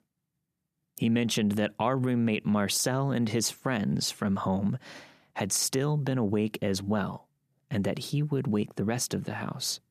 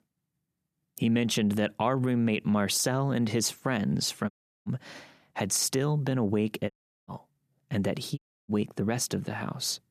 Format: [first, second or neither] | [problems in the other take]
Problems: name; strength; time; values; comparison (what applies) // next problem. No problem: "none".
first | audio cutting out; at 4.5 s, at 6.5 s and at 8 s